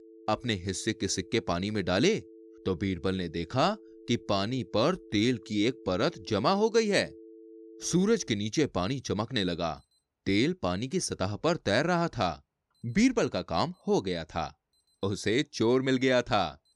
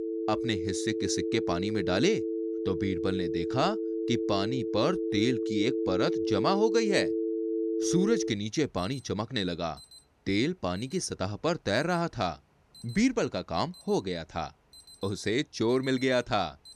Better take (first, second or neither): first